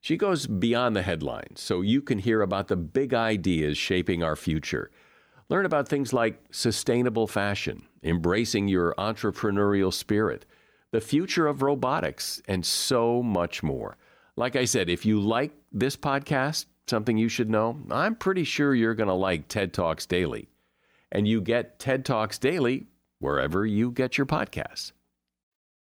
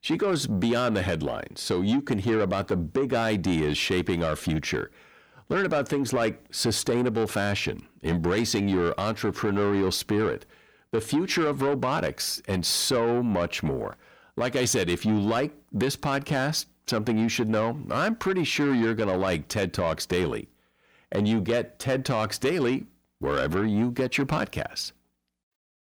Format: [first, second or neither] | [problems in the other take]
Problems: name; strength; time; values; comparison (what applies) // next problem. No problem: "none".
first | distortion; slight; 10 dB below the speech